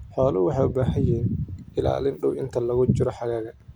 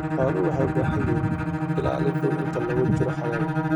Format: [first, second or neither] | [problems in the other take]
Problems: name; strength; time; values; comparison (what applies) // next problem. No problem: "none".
first | background sound (Bowed string instrument); 1 dB above the speech